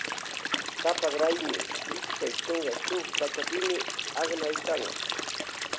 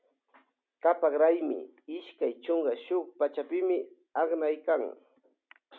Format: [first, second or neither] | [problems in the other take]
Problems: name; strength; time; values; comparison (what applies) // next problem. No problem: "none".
second | background sound (Stream); 1 dB below the speech